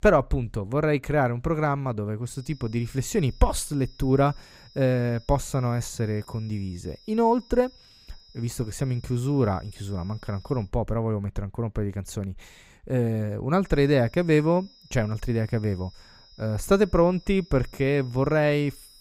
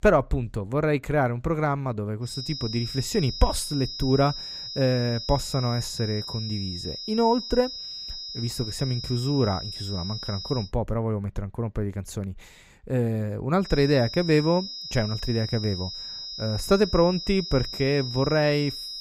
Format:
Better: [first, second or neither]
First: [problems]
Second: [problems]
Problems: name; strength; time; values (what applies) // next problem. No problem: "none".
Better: first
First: high-pitched whine; faint; from 2.5 to 11 s and from 14 s on; 5 kHz, 25 dB below the speech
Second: high-pitched whine; loud; from 2.5 to 11 s and from 14 s on; 5 kHz, 7 dB below the speech